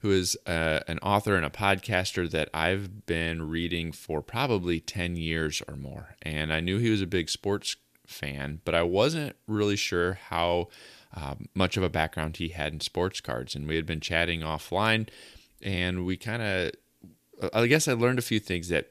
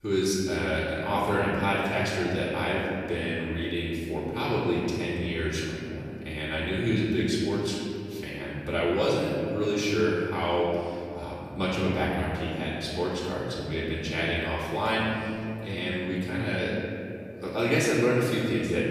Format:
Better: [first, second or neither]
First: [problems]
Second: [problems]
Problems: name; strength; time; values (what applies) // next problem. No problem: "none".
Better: first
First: none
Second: off-mic speech; far // room echo; strong; dies away in 2.7 s